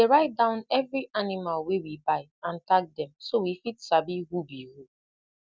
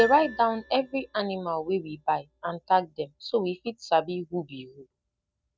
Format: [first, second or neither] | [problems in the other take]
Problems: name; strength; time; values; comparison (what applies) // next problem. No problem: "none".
first | background sound (Piano); 17 dB below the speech